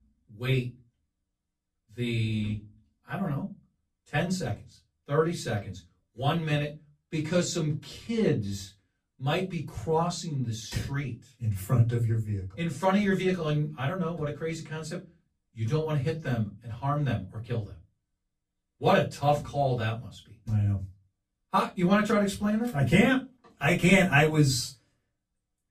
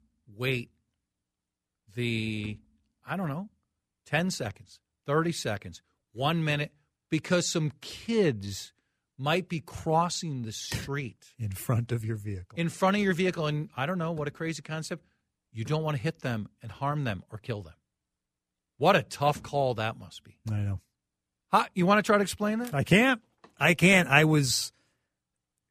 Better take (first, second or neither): second